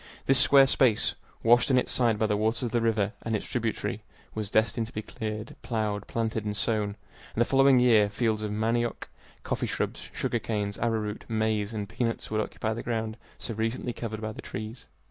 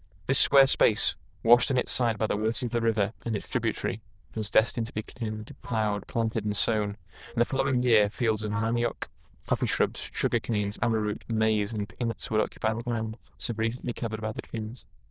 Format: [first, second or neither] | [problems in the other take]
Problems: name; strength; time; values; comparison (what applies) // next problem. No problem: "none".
first | noise reduction (neural diffusion model UNIVERSE++)